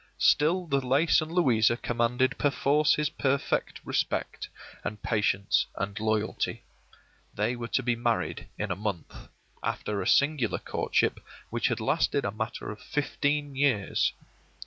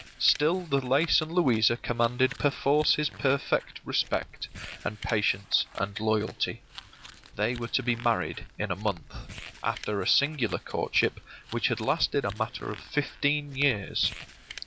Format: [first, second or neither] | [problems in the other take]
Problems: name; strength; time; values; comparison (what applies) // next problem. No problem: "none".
first | background sound (Crumpling, crinkling); 18 dB below the speech